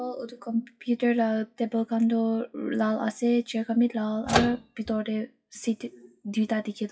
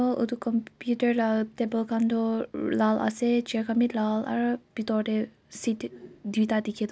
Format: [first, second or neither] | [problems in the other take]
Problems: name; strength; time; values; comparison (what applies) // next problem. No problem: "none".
second | noise reduction (classical method WPE with log-MMSE)